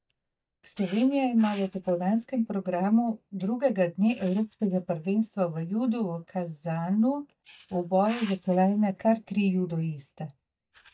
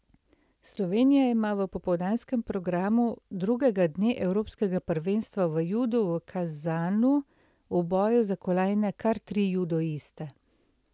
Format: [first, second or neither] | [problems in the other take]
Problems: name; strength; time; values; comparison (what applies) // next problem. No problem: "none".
second | noise reduction (neural mask model DeepFilterNet 3)